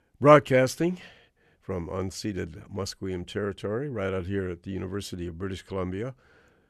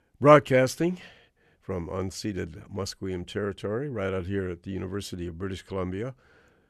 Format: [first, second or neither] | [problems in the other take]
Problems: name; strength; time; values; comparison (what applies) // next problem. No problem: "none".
neither | none